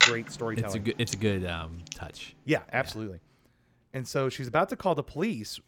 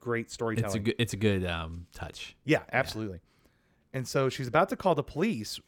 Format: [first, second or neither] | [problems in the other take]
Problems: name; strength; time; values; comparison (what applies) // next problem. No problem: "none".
second | household noises; loud; throughout; 1 dB below the speech